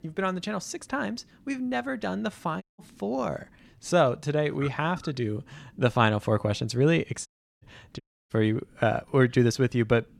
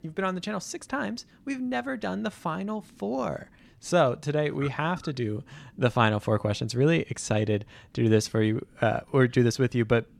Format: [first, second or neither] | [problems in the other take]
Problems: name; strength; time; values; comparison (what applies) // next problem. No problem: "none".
second | audio cutting out; at 2.5 s, at 7.5 s and at 8 s